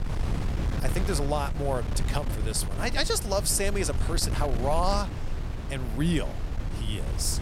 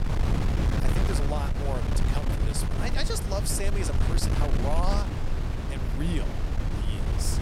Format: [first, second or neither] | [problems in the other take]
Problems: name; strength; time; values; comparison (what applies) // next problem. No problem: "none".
first | wind noise on the microphone; heavy; 1 dB below the speech; occasional gusts in the first